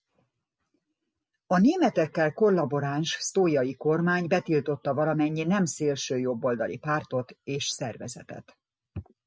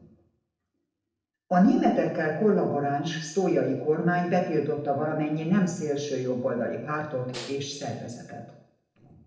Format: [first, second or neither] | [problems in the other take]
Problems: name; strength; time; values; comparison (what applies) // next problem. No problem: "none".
first | noise reduction (neural separator model SepFormer DNS4)